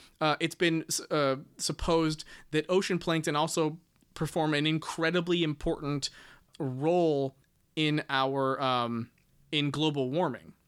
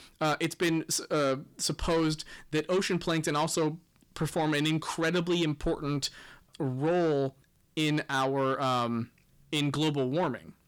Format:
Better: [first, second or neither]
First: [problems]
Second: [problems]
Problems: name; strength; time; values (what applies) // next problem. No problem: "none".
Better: first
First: none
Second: distortion; slight; 10 dB below the speech